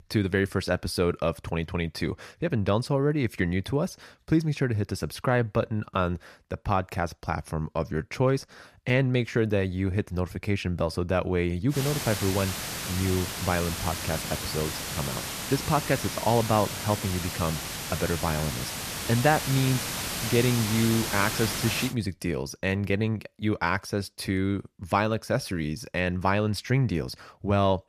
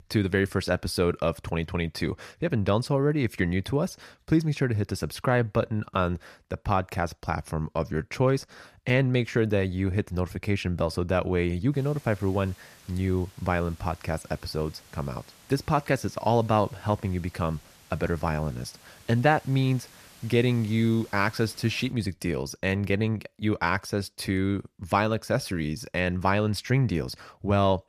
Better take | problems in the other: second | hiss; loud; from 12 to 22 s; 4 dB below the speech; faint in the second

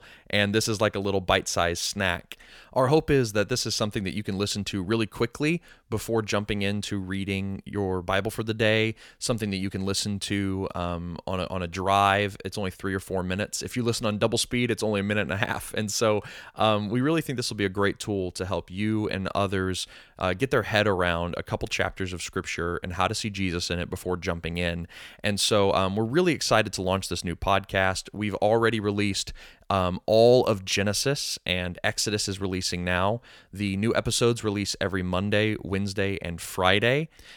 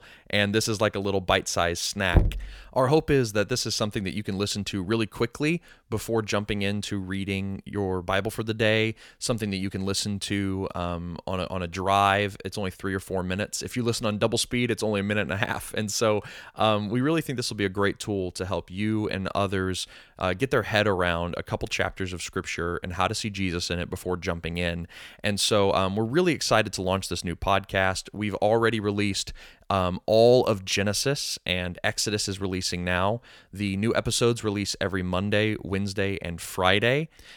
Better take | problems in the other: first | door banging; loud; at 2 s; peak 1 dB above the speech

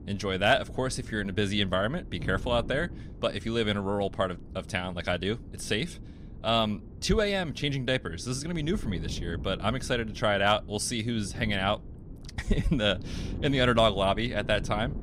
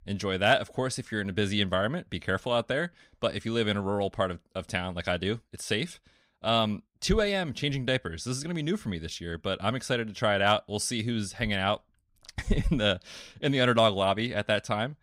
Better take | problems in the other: second | wind noise on the microphone; occasional gusts; 20 dB below the speech

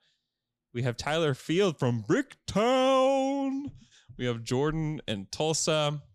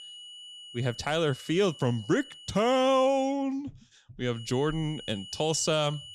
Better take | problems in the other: first | high-pitched whine; noticeable; until 3 s and from 4.5 s on; 3 kHz, 15 dB below the speech

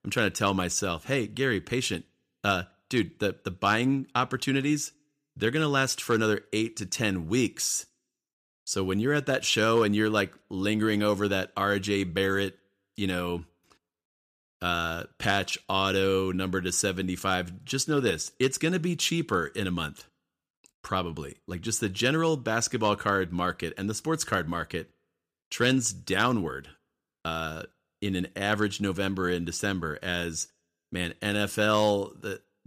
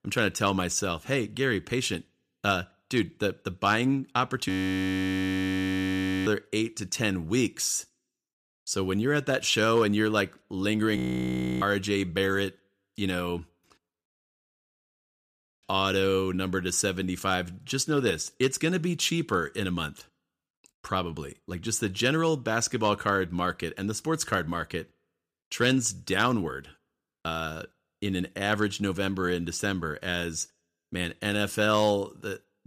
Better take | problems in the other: first | audio freezing; at 4.5 s for 2 s, at 11 s for 0.5 s and at 14 s for 1 s

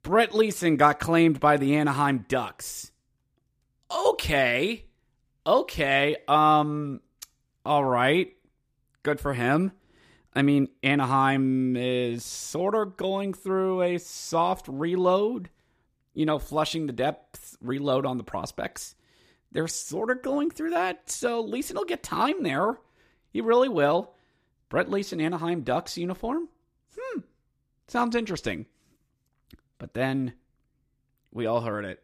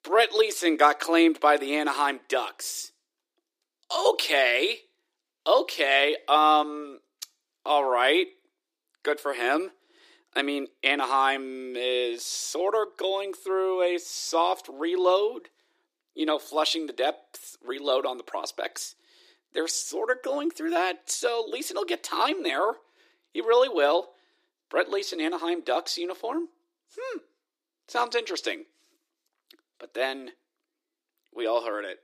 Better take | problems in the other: first | thin; somewhat; fading below 300 Hz

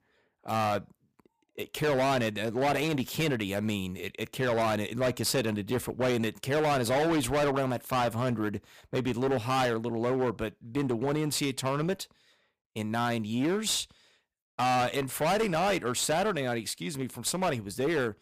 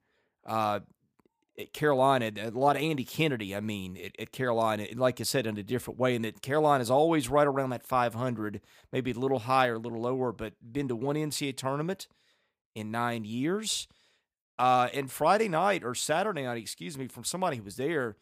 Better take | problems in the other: second | distortion; heavy; 15% of the sound clipped

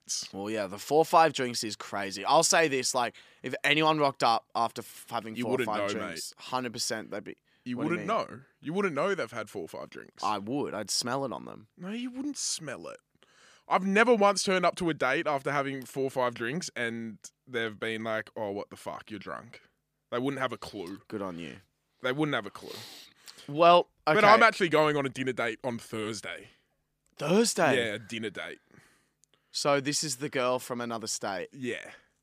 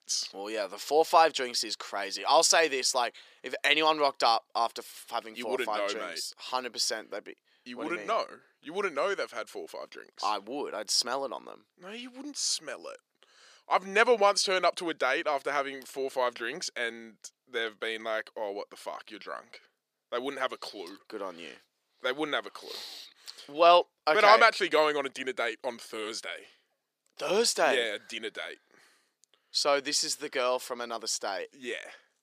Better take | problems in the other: first | thin; somewhat; fading below 450 Hz

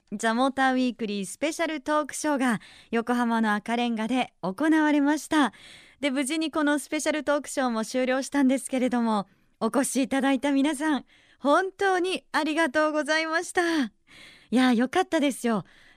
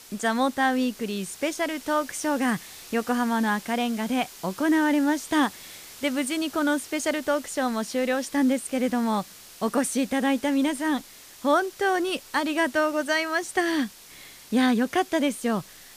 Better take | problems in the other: first | hiss; noticeable; throughout; 20 dB below the speech

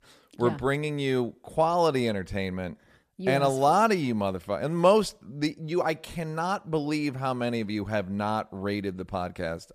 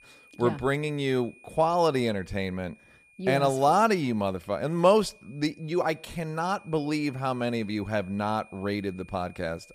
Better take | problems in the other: first | high-pitched whine; faint; throughout; 2.5 kHz, 25 dB below the speech

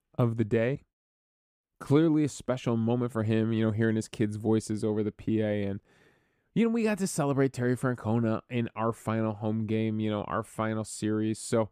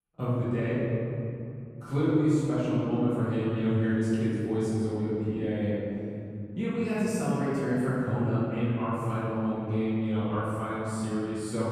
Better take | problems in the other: first | off-mic speech; far // room echo; strong; dies away in 2.8 s

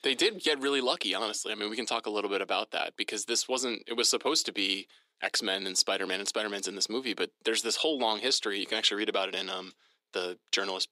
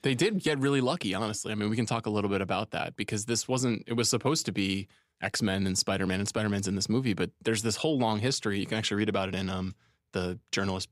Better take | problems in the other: second | thin; somewhat; fading below 300 Hz

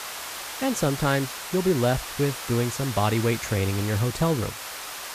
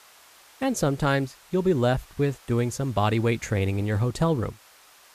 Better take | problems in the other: second | hiss; loud; throughout; 8 dB below the speech; faint in the second

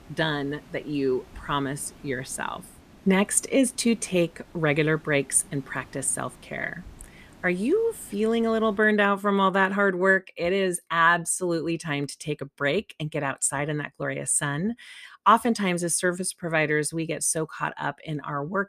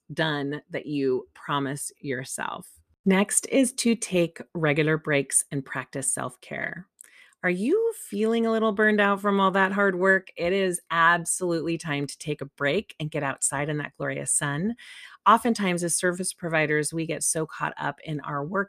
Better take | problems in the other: second | hiss; faint; until 9 s; 25 dB below the speech

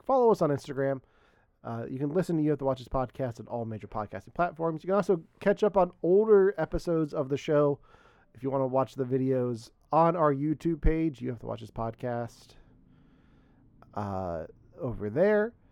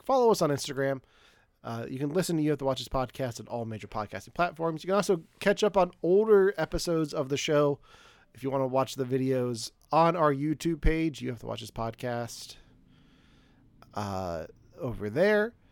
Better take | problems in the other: second | muffled; slightly; fading above 2 kHz

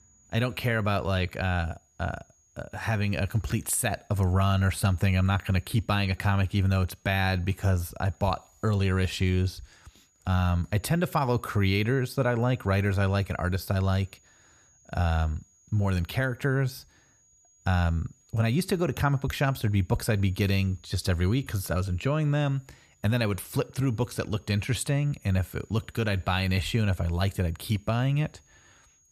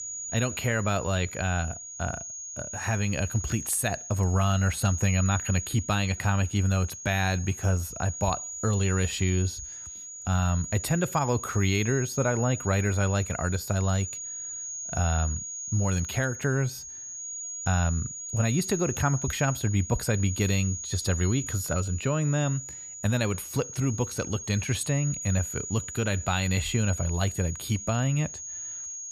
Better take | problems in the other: first | high-pitched whine; loud; throughout; 6.5 kHz, 7 dB below the speech; faint in the first

